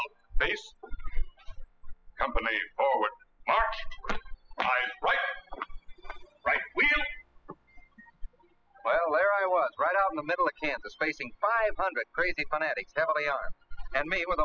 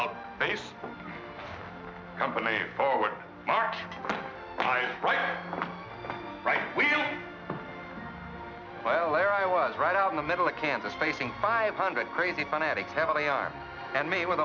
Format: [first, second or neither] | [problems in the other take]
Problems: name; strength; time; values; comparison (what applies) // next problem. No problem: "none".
second | noise reduction (classical method spectral subtraction)